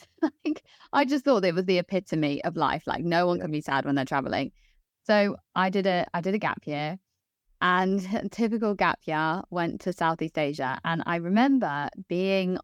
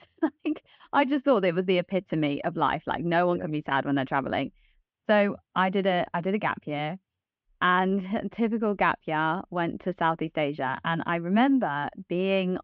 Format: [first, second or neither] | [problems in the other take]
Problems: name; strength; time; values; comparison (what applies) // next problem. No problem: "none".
first | muffled; very; fading above 3 kHz